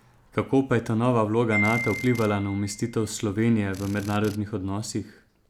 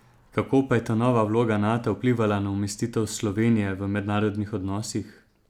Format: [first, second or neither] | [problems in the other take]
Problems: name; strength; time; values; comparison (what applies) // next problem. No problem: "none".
second | background sound (Drill + Wind chime); 12 dB below the speech